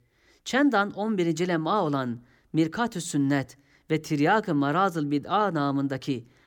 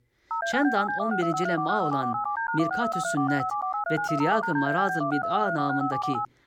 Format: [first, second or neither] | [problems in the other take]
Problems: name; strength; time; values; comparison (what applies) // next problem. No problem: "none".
first | phone ringing; loud; peak 1 dB above the speech